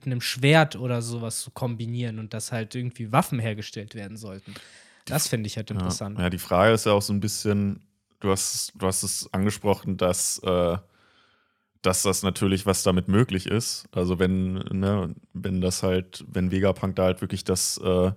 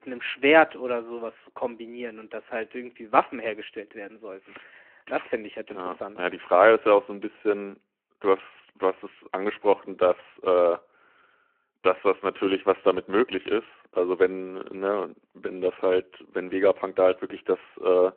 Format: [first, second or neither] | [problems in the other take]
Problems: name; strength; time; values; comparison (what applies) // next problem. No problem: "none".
first | phone-call audio